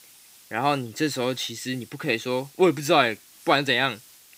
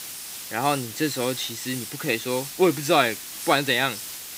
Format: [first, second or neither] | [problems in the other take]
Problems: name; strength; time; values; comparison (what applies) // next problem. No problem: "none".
first | hiss; loud; throughout; 9 dB below the speech; faint in the first